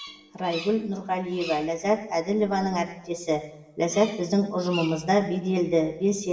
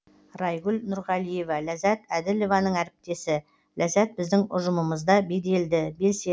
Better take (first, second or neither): second